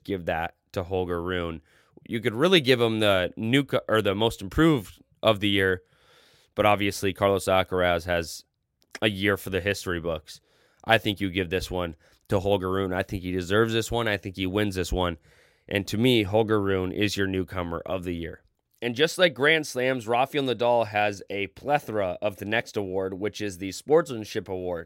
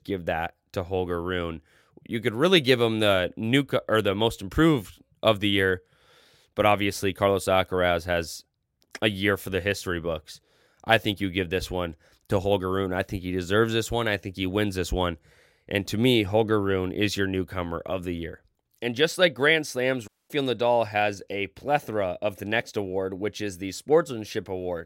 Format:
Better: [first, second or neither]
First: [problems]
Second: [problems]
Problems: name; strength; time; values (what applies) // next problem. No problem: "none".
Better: first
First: none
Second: audio cutting out; at 20 s